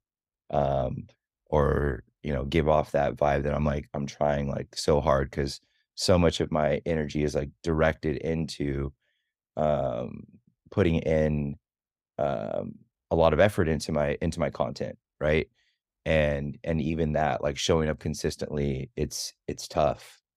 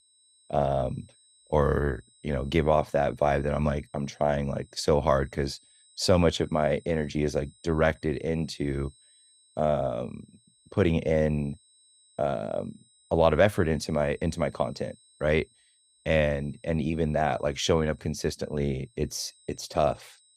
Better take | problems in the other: first | high-pitched whine; faint; throughout; 8 kHz, 30 dB below the speech

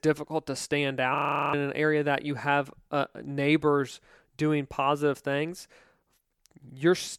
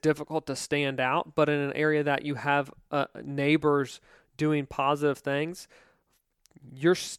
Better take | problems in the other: second | audio freezing; at 1 s

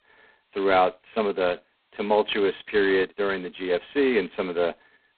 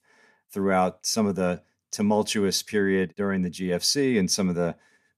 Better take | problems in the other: second | phone-call audio; poor line; nothing above 4 kHz

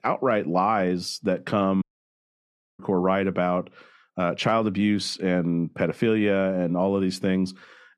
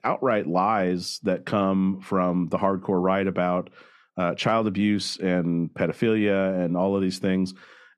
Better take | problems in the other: second | audio cutting out; at 2 s for 1 s

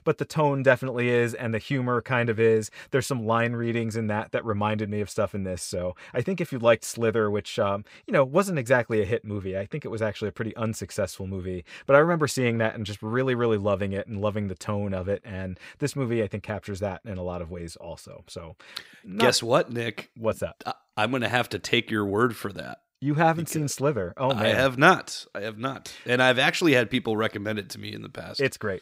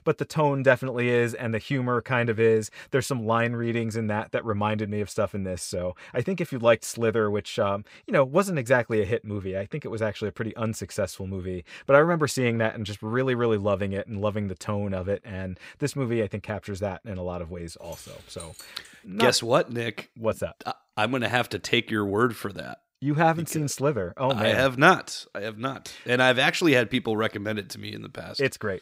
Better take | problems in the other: first | jangling keys; faint; from 18 to 19 s; peak 20 dB below the speech

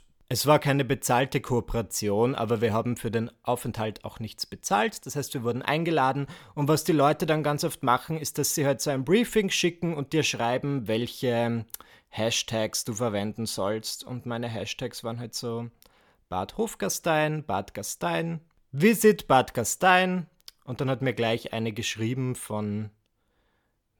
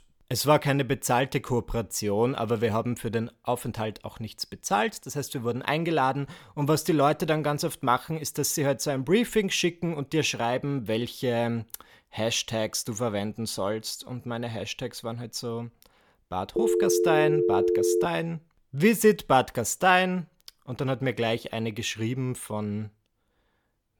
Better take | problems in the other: first | phone ringing; loud; from 17 to 18 s; peak 3 dB above the speech

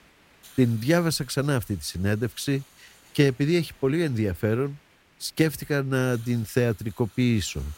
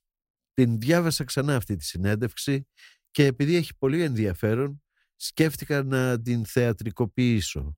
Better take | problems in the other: second | hiss; faint; throughout; 25 dB below the speech

